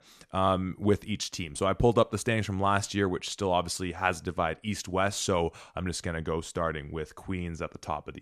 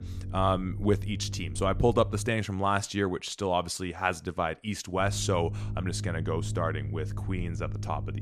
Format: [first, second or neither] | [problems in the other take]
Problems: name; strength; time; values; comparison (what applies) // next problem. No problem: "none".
first | low rumble; noticeable; until 2.5 s and from 5 s on; 20 dB below the speech